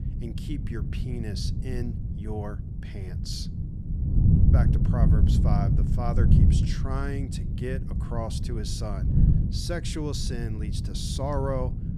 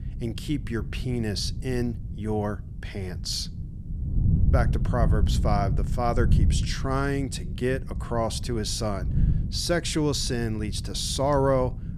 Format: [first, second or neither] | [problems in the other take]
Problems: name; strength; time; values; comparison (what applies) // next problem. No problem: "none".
second | wind noise on the microphone; heavy; 3 dB below the speech; occasional gusts in the second